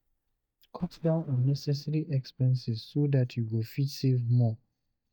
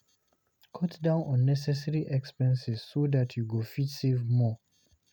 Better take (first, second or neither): second